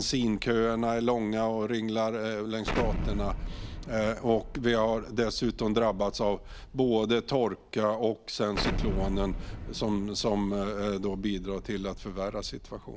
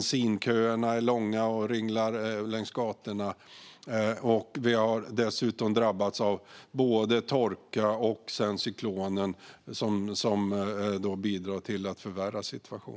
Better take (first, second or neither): second